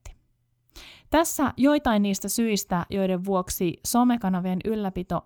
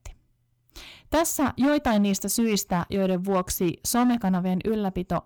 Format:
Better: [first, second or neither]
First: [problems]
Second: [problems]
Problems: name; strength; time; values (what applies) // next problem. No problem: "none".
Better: first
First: none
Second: distortion; slight; 7% of the sound clipped